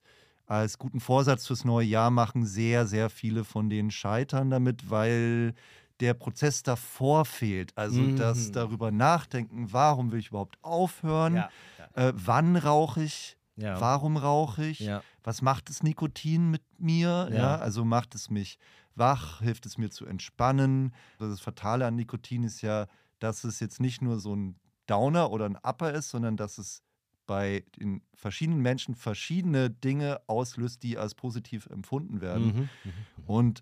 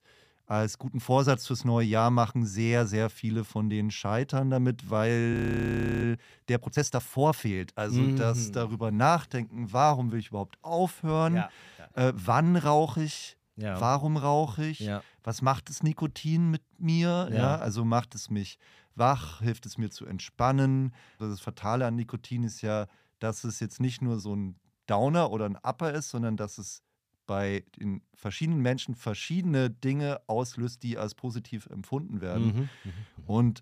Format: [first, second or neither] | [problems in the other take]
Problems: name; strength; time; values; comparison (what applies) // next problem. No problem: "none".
first | audio freezing; at 5.5 s for 0.5 s